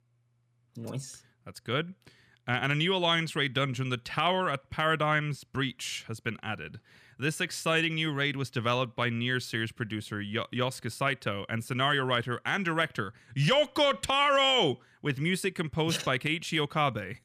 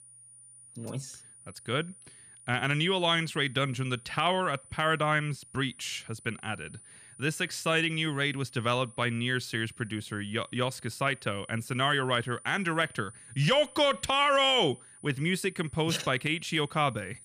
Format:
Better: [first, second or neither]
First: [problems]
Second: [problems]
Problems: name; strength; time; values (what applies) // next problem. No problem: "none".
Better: first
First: none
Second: high-pitched whine; faint; throughout; 9.5 kHz, 20 dB below the speech